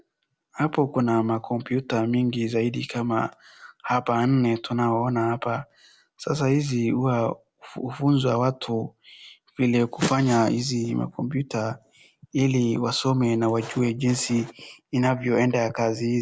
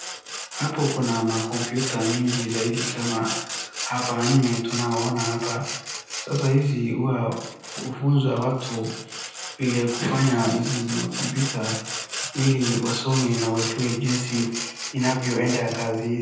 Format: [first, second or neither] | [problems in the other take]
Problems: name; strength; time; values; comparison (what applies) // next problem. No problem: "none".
first | background sound (Sawing); 8 dB below the speech // room echo; dies away in 0.9 s